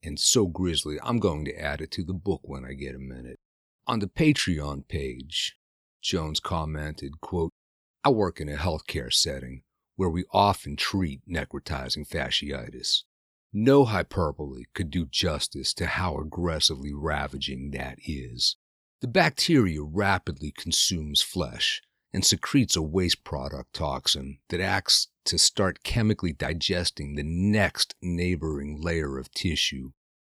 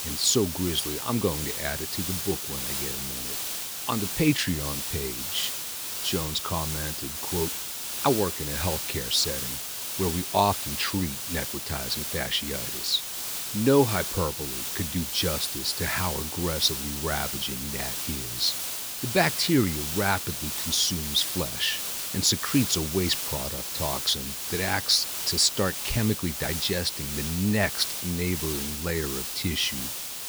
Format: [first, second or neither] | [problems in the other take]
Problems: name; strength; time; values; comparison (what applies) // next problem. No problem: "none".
first | hiss; loud; throughout; 3 dB below the speech